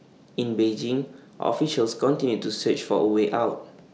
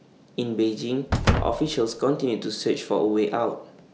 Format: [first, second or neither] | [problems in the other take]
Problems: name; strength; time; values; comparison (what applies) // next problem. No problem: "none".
first | background sound (Slam); 2 dB below the speech